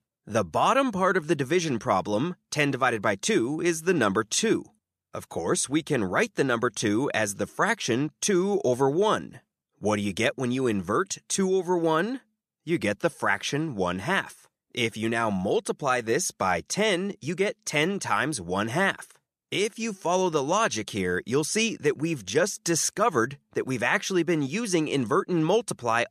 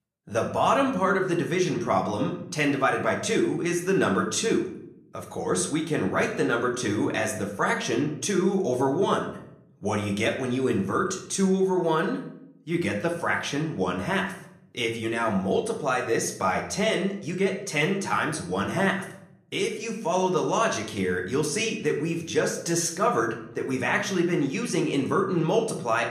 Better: first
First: none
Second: room echo; slight; dies away in 0.6 s // off-mic speech; somewhat distant

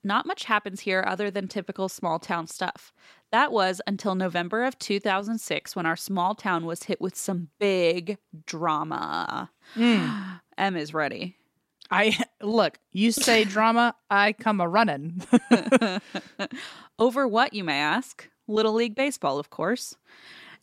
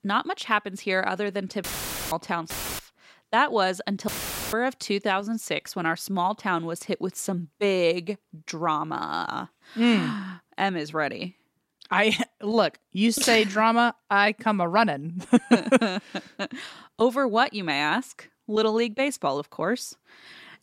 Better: first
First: none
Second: audio cutting out; filled with static; at 1.5 s, at 2.5 s and at 4 s

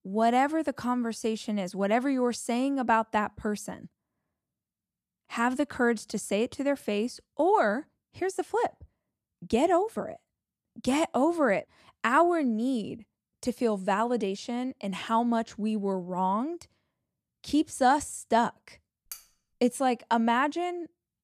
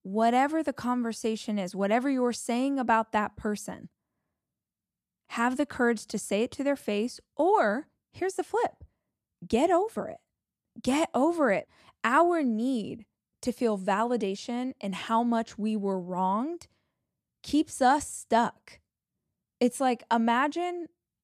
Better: second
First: clattering dishes; faint; at 19 s; peak 15 dB below the speech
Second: none

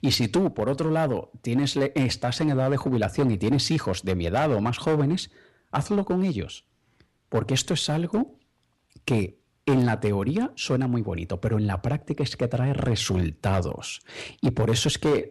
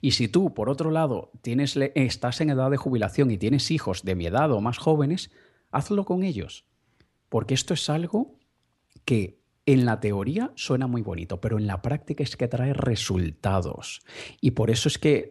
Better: second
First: distortion; slight; 6% of the sound clipped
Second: none

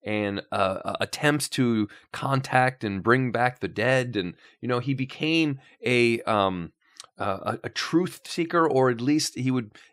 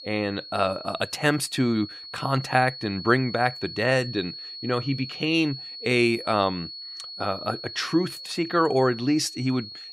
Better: first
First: none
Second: high-pitched whine; noticeable; throughout; 4.5 kHz, 10 dB below the speech

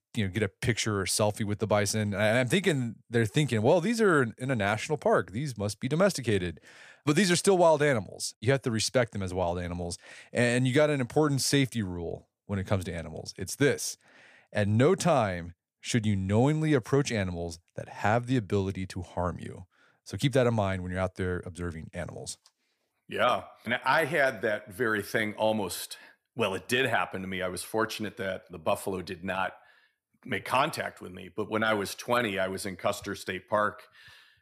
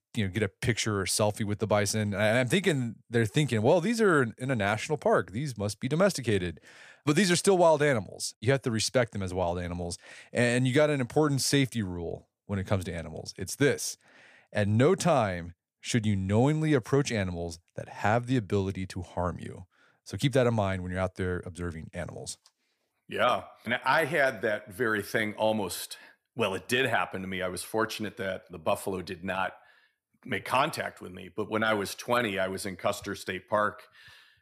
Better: neither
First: none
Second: none

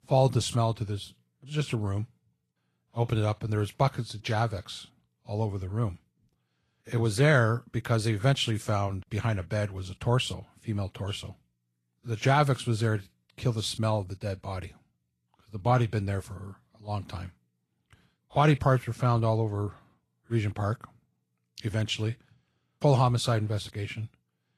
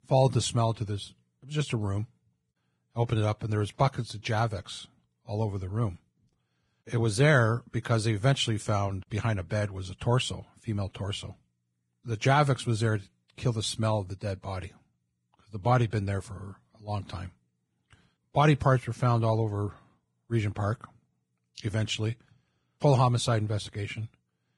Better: first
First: garbled, watery; slightly; nothing above 12 kHz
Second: garbled, watery; badly; nothing above 10 kHz

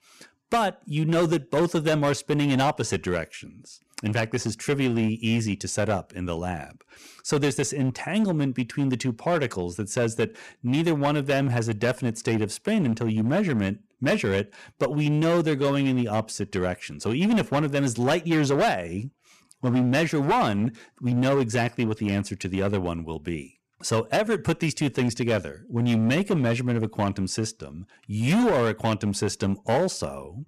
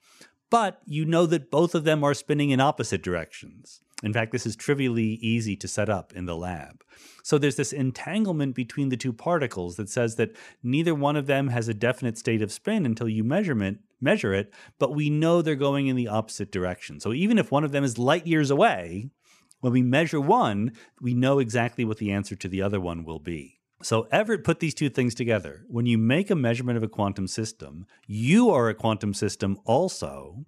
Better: second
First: distortion; slight; 9% of the sound clipped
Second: none

